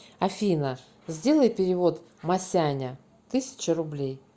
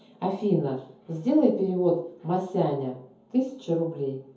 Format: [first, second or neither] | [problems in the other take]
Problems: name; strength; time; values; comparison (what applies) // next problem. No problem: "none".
first | room echo; dies away in 0.5 s